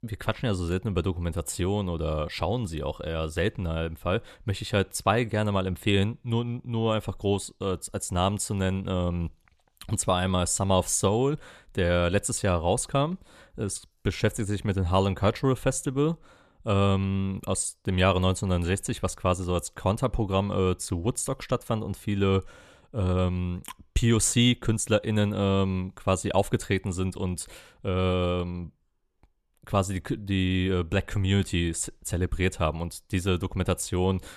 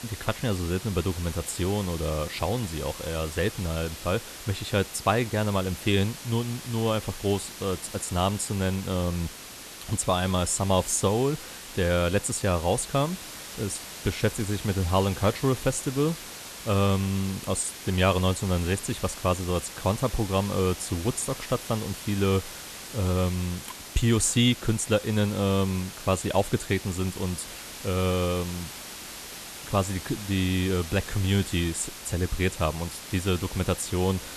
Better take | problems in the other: first | hiss; noticeable; throughout; 10 dB below the speech

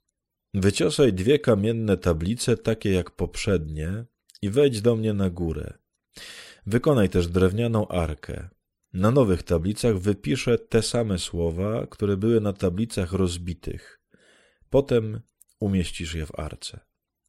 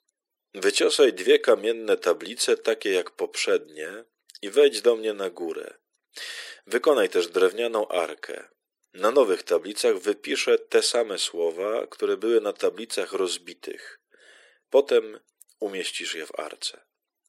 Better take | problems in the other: first | thin; very; fading below 350 Hz

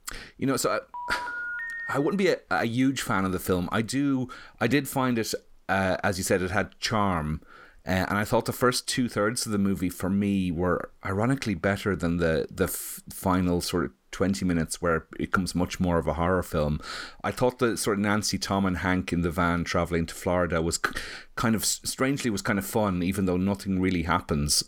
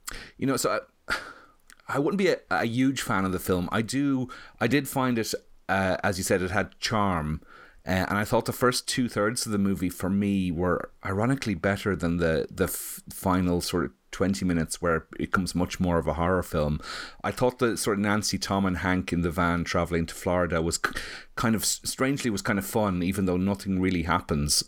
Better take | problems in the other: second | phone ringing; noticeable; from 1 to 2 s; peak 5 dB below the speech

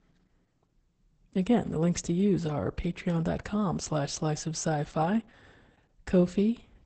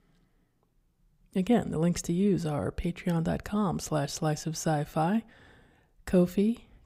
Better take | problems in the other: second | garbled, watery; badly; nothing above 8 kHz

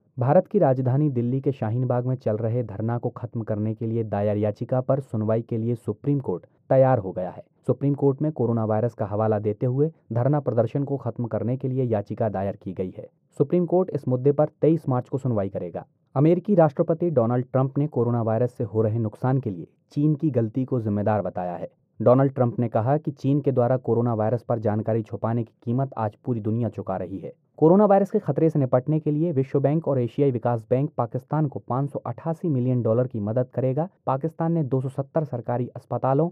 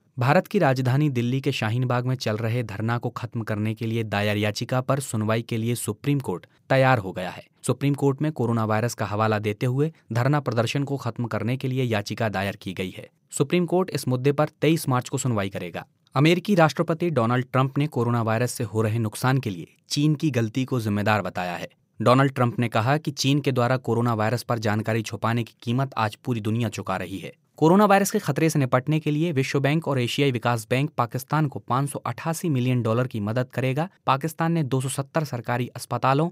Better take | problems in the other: second | muffled; very; fading above 1.5 kHz

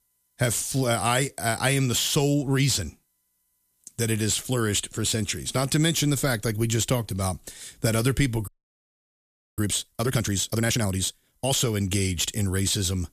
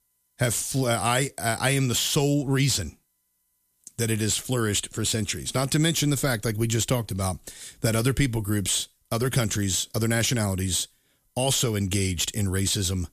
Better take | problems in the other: second | audio freezing; at 8.5 s for 1 s

